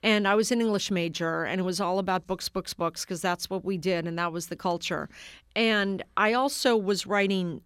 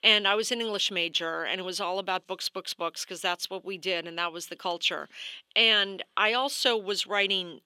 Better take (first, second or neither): first